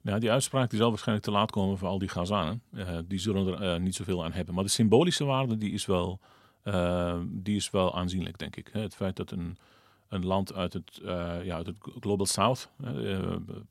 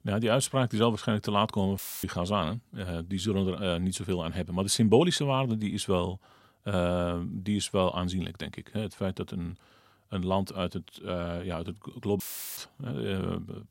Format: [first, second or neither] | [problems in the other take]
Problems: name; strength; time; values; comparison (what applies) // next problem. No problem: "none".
first | audio cutting out; filled with static; at 2 s and at 12 s